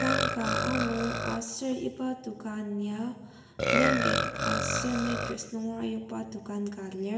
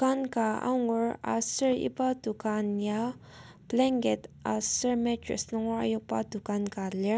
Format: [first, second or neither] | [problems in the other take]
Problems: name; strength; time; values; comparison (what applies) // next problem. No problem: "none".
second | background sound (Burping, eructation); as loud as the speech // room echo; dies away in 1.1 s